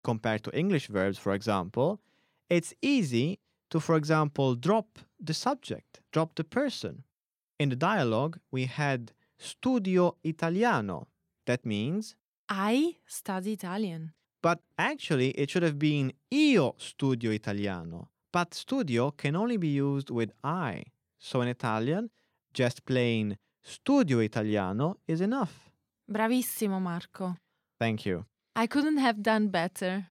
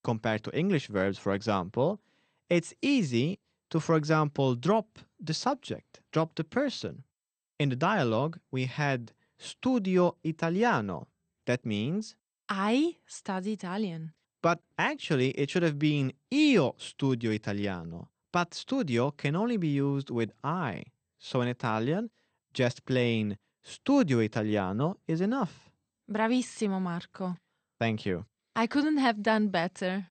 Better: first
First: none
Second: garbled, watery; slightly; nothing above 8.5 kHz

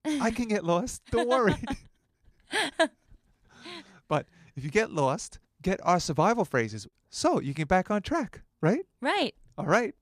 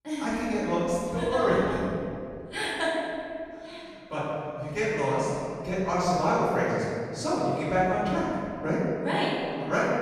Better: first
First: none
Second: room echo; strong; dies away in 2.2 s // off-mic speech; far

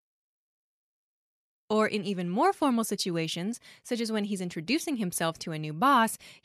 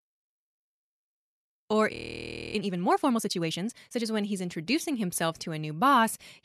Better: first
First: none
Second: audio freezing; at 2 s for 0.5 s

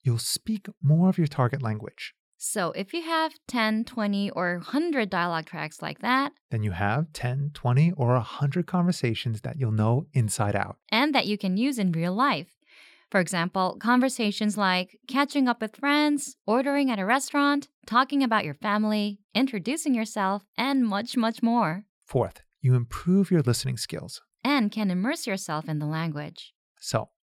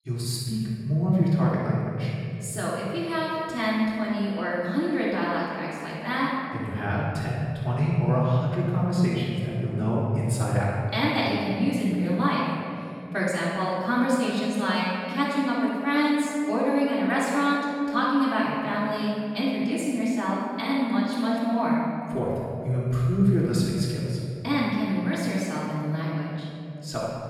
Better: first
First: none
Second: room echo; strong; dies away in 2.6 s // off-mic speech; far

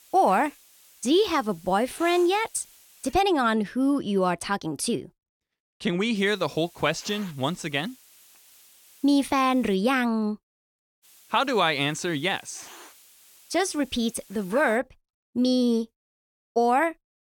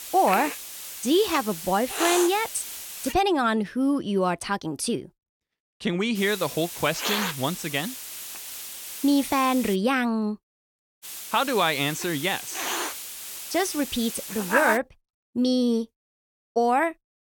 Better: first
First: hiss; faint; until 3 s, from 6 to 10 s and from 11 to 15 s; 25 dB below the speech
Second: hiss; loud; until 3 s, from 6 to 10 s and from 11 to 15 s; 6 dB below the speech

